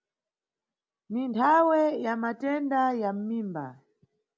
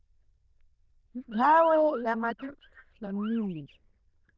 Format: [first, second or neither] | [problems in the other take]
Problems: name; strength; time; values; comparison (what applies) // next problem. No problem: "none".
first | noise reduction (neural diffusion model UNIVERSE++)